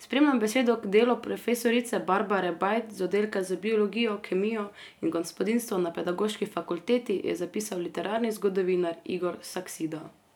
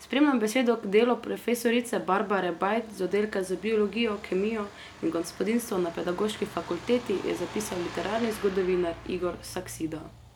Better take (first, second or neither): first